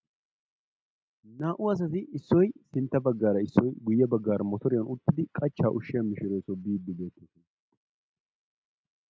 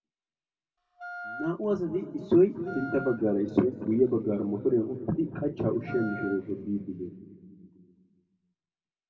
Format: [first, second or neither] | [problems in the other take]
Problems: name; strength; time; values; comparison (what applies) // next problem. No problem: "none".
first | background sound (Wind instrument, woodwind instrument); 12 dB below the speech // room echo; dies away in 2.4 s